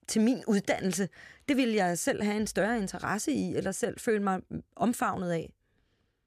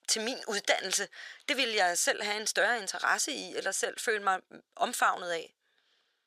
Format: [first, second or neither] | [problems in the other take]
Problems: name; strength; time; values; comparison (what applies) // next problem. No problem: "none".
first | thin; very; fading below 650 Hz